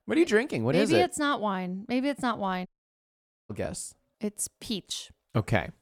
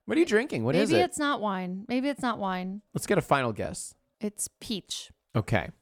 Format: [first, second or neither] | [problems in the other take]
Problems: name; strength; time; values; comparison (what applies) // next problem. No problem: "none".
second | audio cutting out; at 2.5 s for 1 s